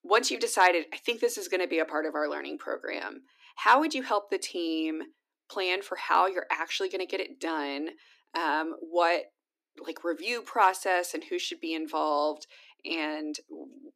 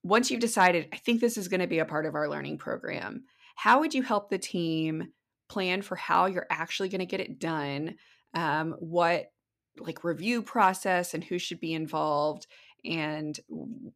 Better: second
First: thin; somewhat; fading below 300 Hz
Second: none

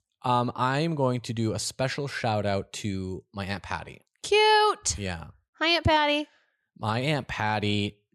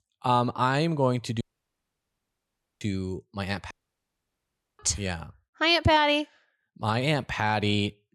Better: first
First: none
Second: audio cutting out; at 1.5 s for 1.5 s and at 3.5 s for 1 s

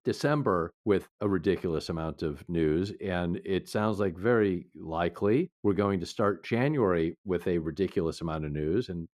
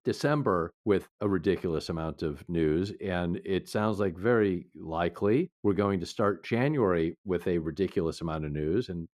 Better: neither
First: muffled; slightly; fading above 2 kHz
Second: muffled; slightly; fading above 2 kHz

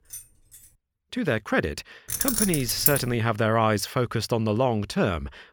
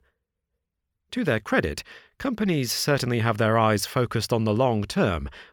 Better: second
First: jangling keys; faint; at the start; peak 15 dB below the speech // jangling keys; loud; at 2 s; peak 3 dB above the speech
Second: none

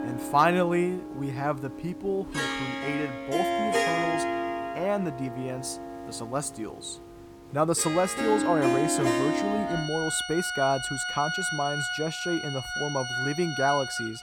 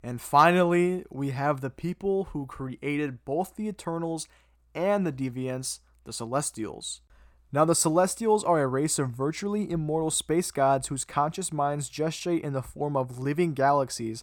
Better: second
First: background music; loud; throughout; 1 dB below the speech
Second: none

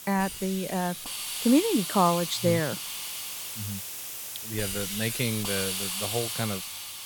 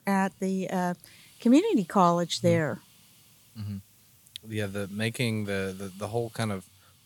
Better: second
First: hiss; loud; throughout; 4 dB below the speech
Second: hiss; faint; throughout; 25 dB below the speech

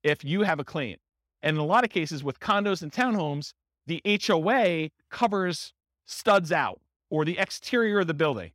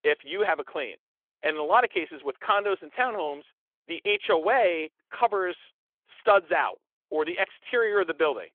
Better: first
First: none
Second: phone-call audio; nothing above 3.5 kHz

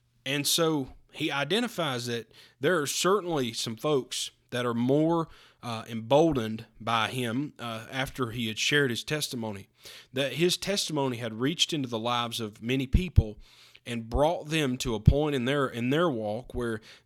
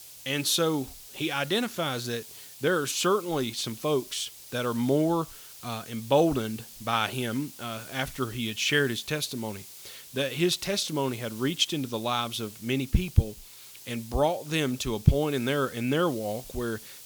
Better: first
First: none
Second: hiss; noticeable; throughout; 15 dB below the speech

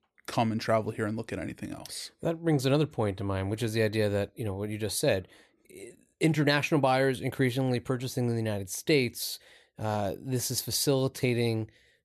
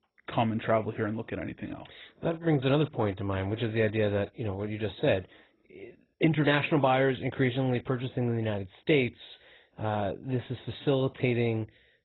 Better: first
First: none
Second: garbled, watery; badly; nothing above 4 kHz

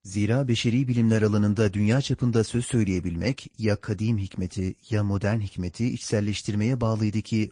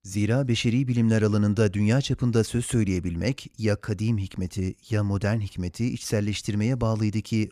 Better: second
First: garbled, watery; slightly; nothing above 9 kHz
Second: none

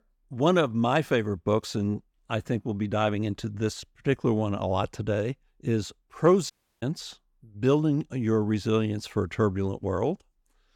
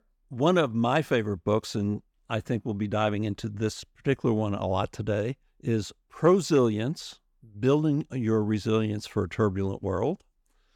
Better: second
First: audio cutting out; at 6.5 s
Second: none

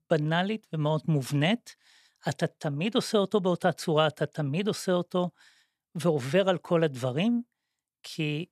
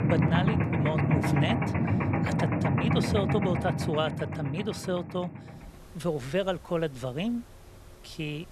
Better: first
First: none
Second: machinery noise; very loud; throughout; 4 dB above the speech

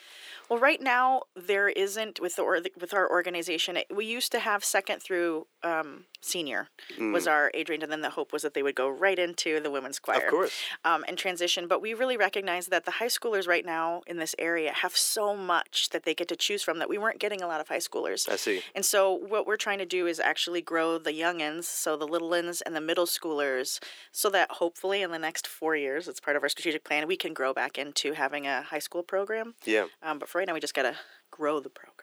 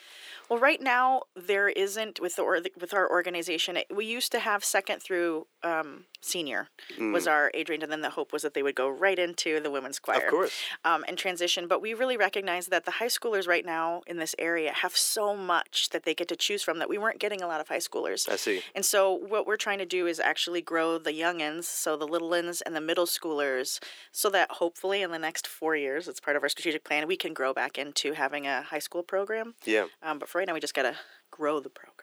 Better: neither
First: thin; somewhat; fading below 350 Hz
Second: thin; somewhat; fading below 350 Hz

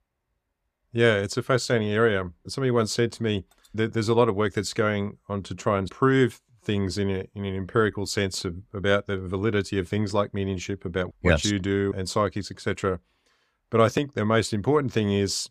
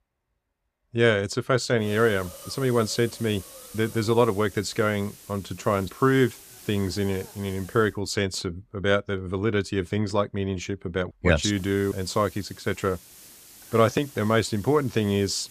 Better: first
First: none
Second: hiss; noticeable; from 2 to 8 s and from 12 s on; 20 dB below the speech

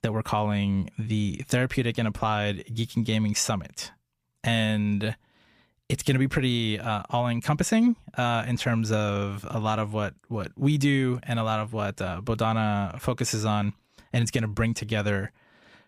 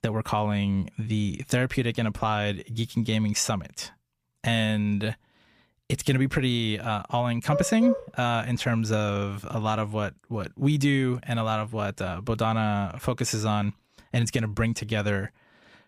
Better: first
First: none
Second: dog barking; noticeable; at 7.5 s; peak 2 dB below the speech

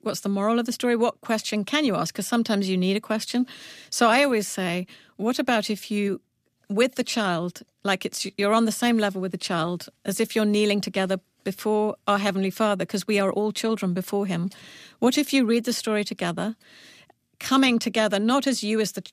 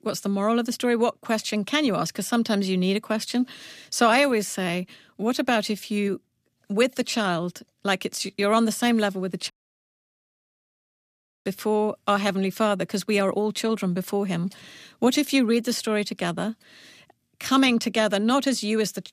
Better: first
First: none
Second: audio cutting out; at 9.5 s for 2 s

